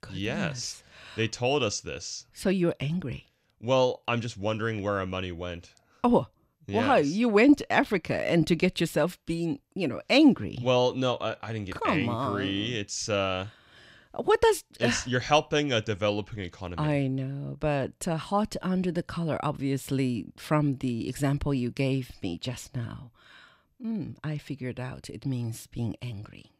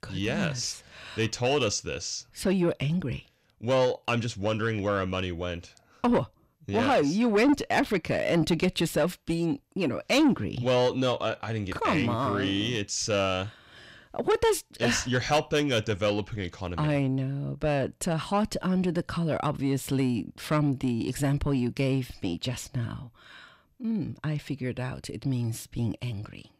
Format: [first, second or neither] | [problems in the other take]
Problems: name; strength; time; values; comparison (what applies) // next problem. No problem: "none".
first | distortion; slight; 10 dB below the speech